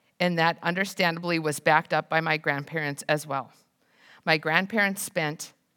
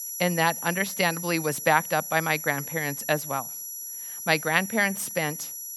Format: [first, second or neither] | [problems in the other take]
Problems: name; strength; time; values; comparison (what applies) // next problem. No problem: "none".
first | high-pitched whine; loud; throughout; 11.5 kHz, 7 dB below the speech